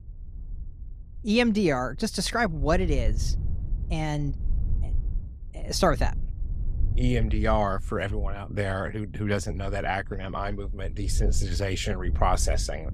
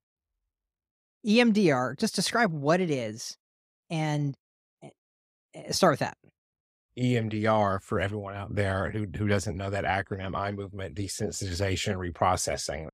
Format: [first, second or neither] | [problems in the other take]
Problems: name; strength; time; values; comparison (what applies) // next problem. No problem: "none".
second | wind noise on the microphone; occasional gusts; 20 dB below the speech